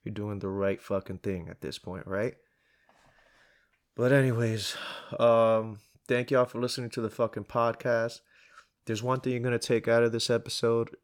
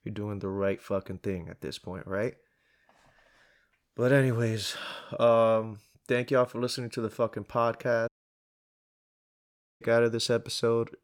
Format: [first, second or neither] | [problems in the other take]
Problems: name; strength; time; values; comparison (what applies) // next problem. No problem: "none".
first | audio cutting out; at 8 s for 1.5 s